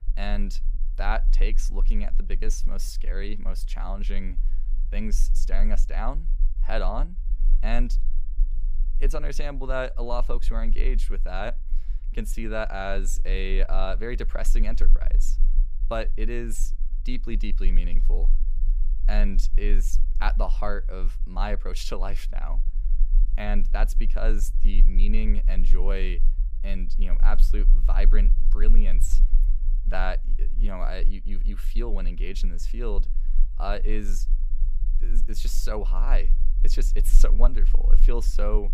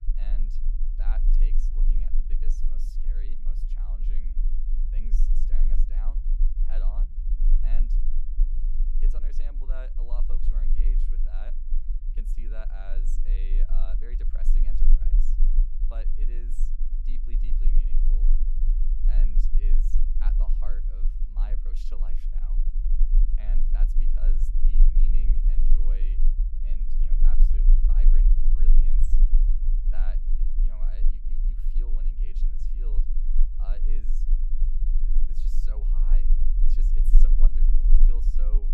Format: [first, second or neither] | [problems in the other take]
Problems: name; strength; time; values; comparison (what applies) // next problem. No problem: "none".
first | low rumble; loud; throughout; 2 dB below the speech; faint in the first